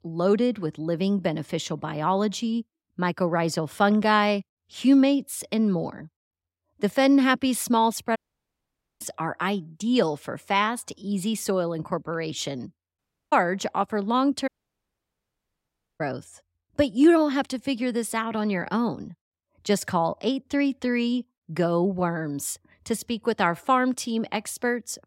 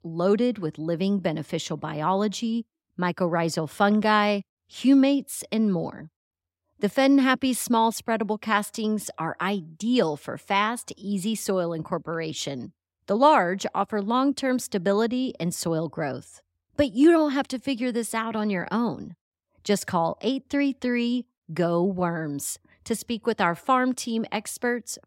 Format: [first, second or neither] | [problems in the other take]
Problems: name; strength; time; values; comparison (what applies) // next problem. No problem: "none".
second | audio cutting out; at 8 s for 1 s, at 13 s and at 14 s for 1.5 s